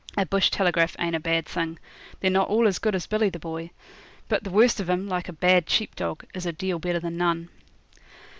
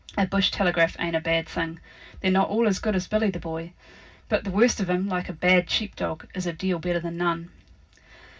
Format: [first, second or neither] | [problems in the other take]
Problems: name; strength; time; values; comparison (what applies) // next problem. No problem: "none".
first | room echo; dies away in 0.4 s